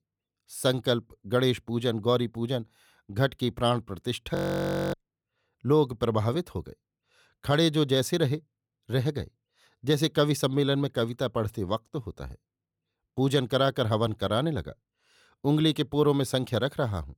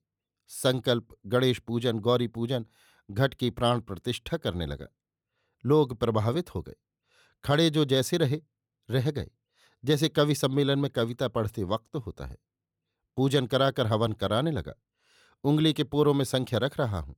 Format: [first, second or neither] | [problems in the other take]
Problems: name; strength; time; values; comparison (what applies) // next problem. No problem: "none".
second | audio freezing; at 4.5 s for 0.5 s